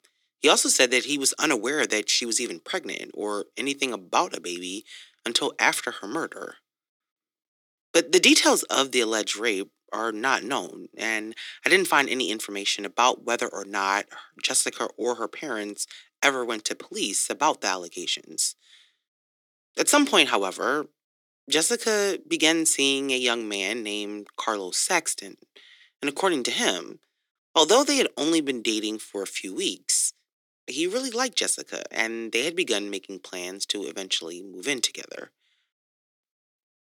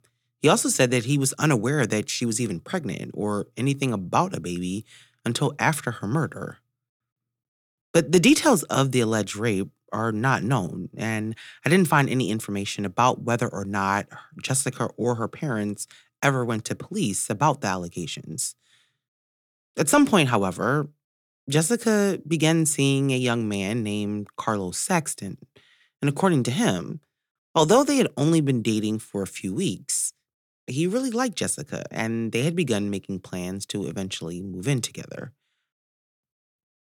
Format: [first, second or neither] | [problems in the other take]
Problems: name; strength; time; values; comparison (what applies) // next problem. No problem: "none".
second | thin; somewhat; fading below 300 Hz